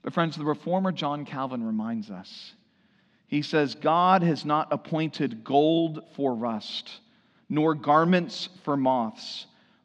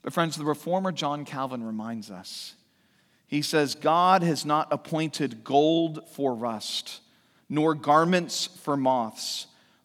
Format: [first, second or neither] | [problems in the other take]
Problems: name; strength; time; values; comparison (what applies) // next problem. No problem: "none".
second | muffled; very slightly; fading above 4 kHz